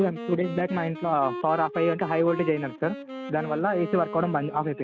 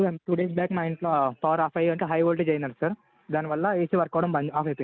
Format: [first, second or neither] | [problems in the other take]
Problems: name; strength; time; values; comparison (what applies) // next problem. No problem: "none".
second | background sound (Wind instrument, woodwind instrument); 10 dB below the speech